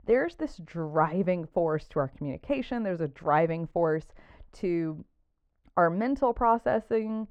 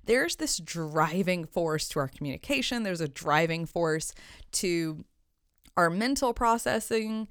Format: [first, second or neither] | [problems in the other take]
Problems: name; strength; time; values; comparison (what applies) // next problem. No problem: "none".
second | muffled; very; fading above 4 kHz